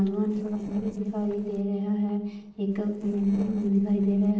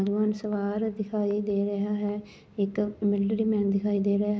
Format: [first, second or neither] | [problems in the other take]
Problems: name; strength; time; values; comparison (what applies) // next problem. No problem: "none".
second | noise reduction (neural separator model SepFormer DNS4)